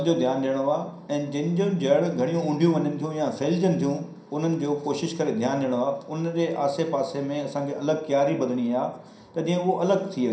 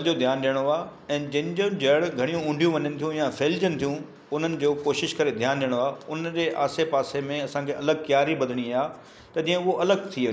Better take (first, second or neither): second